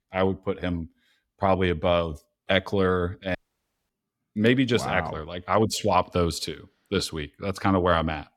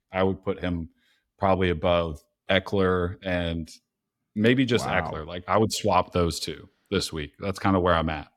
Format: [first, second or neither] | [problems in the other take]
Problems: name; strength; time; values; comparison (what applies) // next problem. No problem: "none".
second | audio cutting out; at 3.5 s for 0.5 s